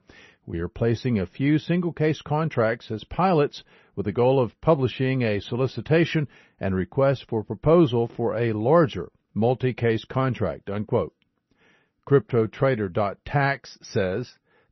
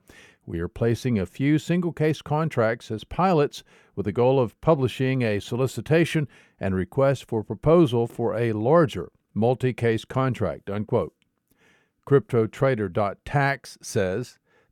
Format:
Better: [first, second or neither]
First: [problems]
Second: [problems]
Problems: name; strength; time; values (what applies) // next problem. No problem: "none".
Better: second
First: garbled, watery; slightly; nothing above 6 kHz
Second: none